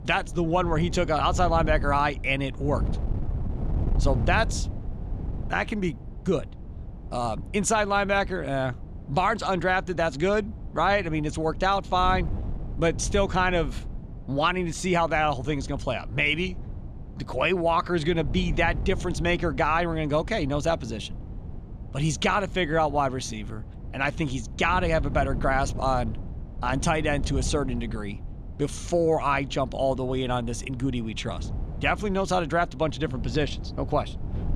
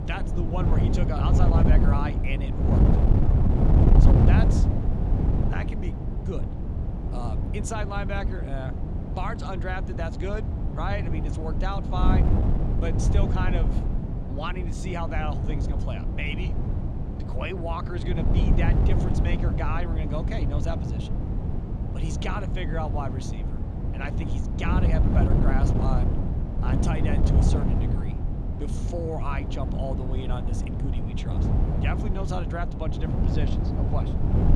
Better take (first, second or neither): first